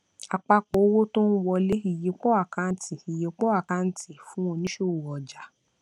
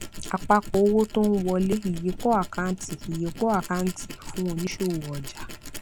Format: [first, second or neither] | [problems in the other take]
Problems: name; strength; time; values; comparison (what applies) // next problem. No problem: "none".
first | background sound (Tools); 11 dB below the speech